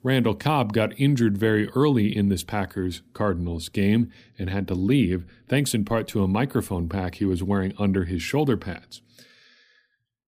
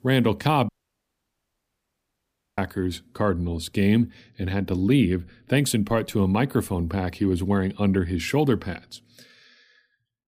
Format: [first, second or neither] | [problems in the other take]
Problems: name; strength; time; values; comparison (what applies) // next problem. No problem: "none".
first | audio cutting out; at 0.5 s for 2 s